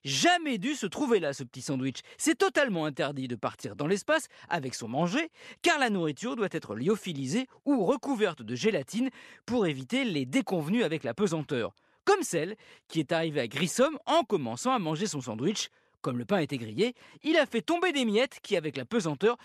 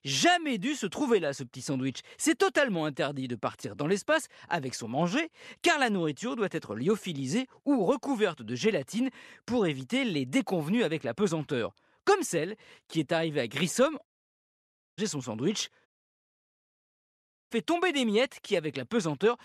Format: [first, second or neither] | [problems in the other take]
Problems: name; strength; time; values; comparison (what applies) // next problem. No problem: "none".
first | audio cutting out; at 14 s for 1 s and at 16 s for 1.5 s